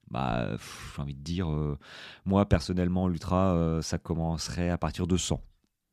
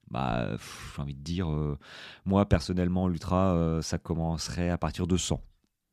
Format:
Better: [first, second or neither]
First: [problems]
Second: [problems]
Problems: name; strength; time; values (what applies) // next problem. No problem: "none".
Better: neither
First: none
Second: none